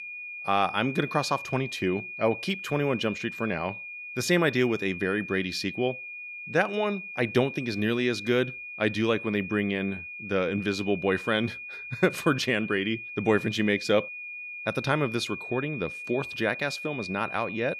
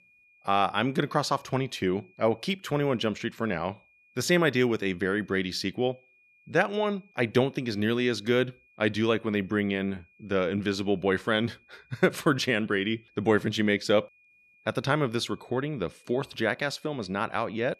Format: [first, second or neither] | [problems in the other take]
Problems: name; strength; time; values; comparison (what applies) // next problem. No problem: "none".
second | high-pitched whine; loud; throughout; 2.5 kHz, 9 dB below the speech; faint in the second